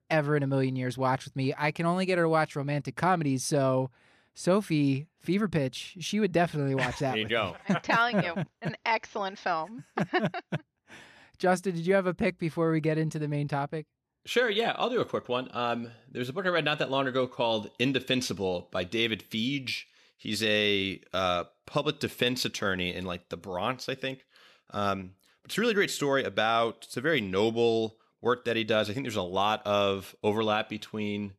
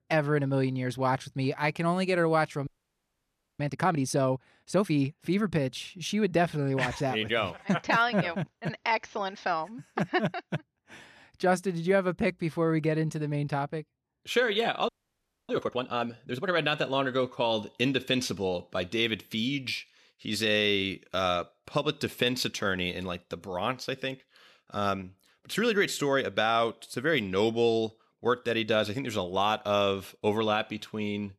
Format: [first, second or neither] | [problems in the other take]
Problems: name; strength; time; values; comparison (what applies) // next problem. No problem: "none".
first | audio freezing; at 2.5 s for 1 s and at 15 s for 0.5 s